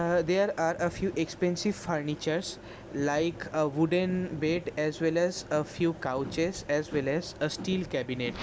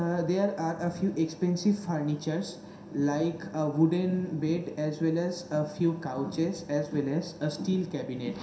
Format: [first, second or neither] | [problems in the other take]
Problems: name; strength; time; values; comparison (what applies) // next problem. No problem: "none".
first | room echo; dies away in 0.7 s